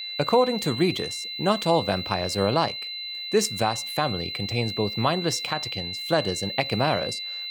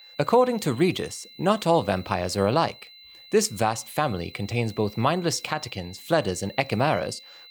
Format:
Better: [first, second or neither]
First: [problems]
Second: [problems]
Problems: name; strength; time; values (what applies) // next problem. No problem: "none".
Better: second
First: high-pitched whine; loud; throughout; 4 kHz, 5 dB below the speech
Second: high-pitched whine; faint; throughout; 4 kHz, 20 dB below the speech